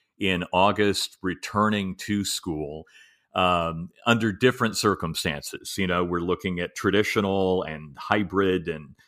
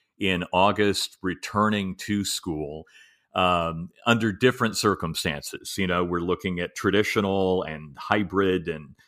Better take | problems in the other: neither | none

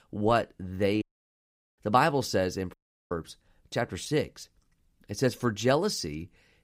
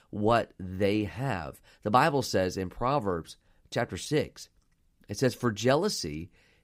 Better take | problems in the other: second | audio cutting out; at 1 s for 1 s and at 2.5 s

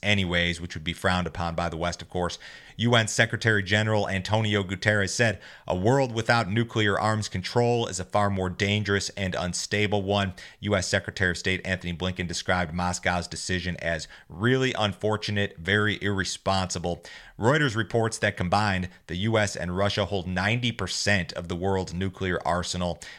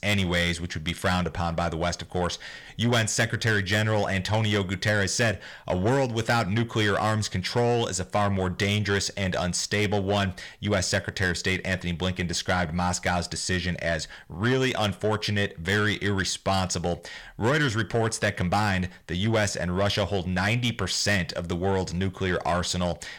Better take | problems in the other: first | distortion; slight; 10 dB below the speech

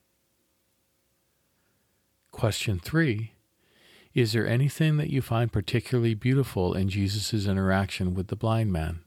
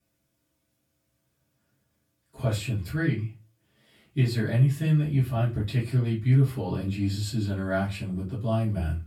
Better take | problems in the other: first | off-mic speech; far // room echo; slight; dies away in 0.2 s

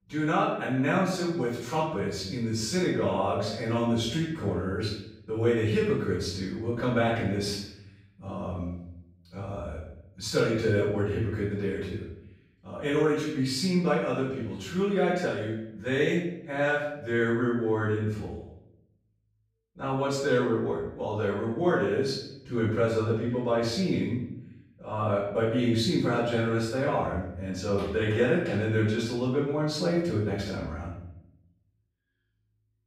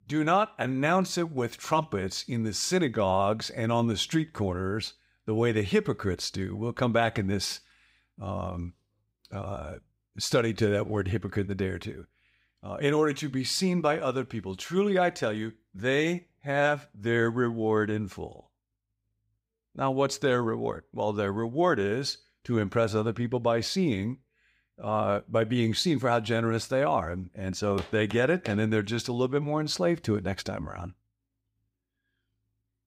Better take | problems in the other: second | off-mic speech; far // room echo; noticeable; dies away in 0.7 s

